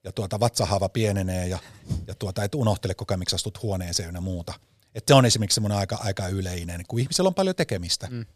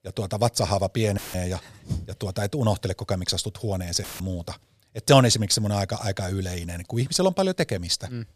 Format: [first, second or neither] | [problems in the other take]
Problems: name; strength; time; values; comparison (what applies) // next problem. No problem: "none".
first | audio cutting out; filled with static; at 1 s and at 4 s